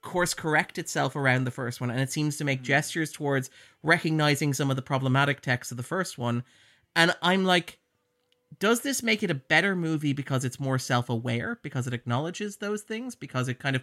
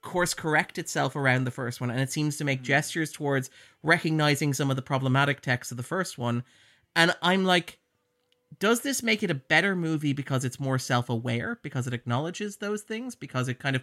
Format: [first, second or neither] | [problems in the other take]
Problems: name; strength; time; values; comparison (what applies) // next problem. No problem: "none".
neither | none